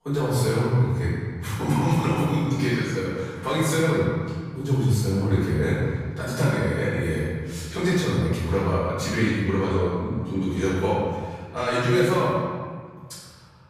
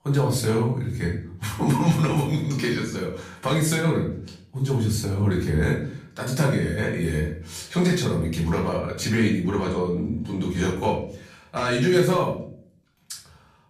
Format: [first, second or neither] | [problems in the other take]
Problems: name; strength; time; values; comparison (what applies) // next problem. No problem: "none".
second | room echo; strong; dies away in 1.7 s; slight in the second // off-mic speech; far; far in the second